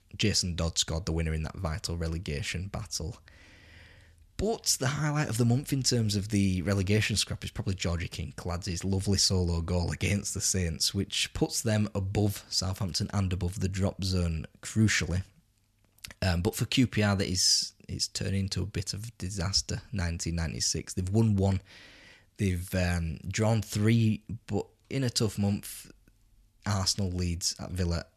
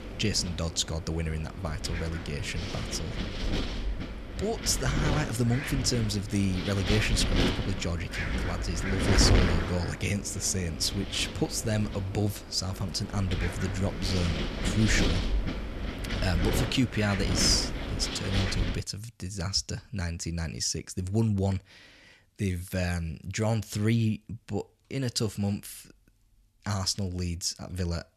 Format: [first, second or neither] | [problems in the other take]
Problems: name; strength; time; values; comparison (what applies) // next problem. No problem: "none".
first | wind noise on the microphone; heavy; until 19 s; 2 dB below the speech